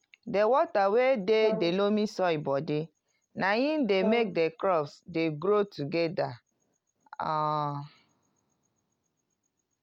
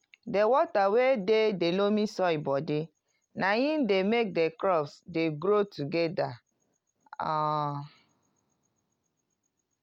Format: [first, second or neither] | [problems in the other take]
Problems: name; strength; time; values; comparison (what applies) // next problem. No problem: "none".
second | background sound (Brass instrument); 11 dB below the speech